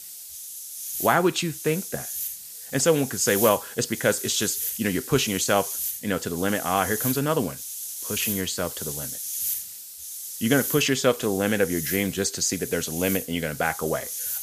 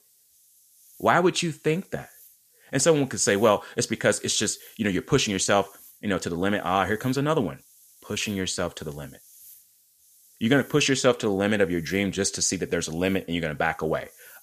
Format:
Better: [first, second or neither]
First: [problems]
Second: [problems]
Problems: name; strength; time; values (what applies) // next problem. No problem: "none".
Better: second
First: hiss; loud; throughout; 6 dB below the speech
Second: hiss; faint; throughout; 25 dB below the speech